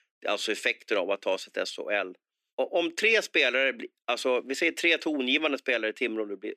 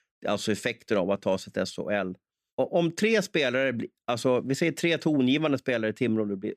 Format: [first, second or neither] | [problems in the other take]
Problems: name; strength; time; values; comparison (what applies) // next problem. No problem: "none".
second | thin; somewhat; fading below 300 Hz